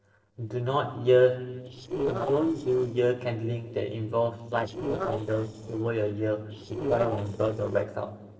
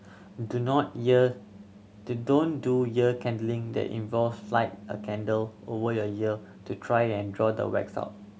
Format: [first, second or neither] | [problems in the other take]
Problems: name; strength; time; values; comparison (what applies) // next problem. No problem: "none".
second | noise reduction (neural separator model SepFormer DNS4)